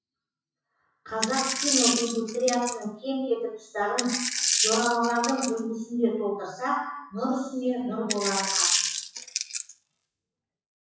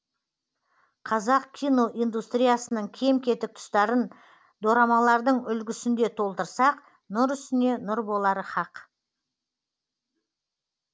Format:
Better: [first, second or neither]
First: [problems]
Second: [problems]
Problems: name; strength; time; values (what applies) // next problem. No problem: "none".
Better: second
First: noise reduction (classical method WPE with log-MMSE)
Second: none